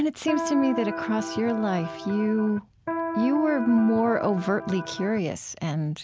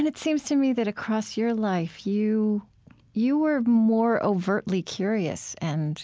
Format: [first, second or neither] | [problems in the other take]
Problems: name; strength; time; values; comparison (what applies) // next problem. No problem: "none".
second | background sound (Electric guitar); 7 dB below the speech